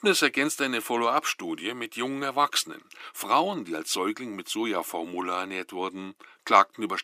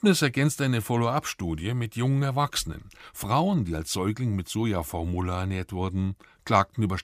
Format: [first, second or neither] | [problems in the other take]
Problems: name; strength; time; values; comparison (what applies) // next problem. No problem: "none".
second | thin; somewhat; fading below 300 Hz